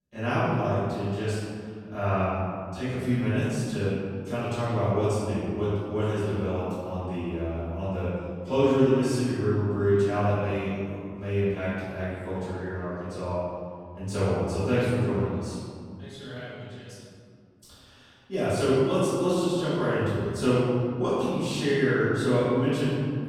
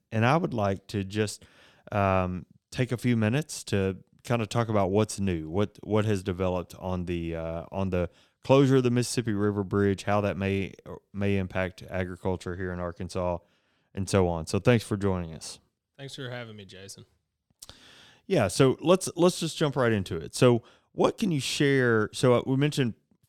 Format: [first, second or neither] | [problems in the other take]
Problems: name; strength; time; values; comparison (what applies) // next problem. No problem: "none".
second | off-mic speech; far // room echo; strong; dies away in 2 s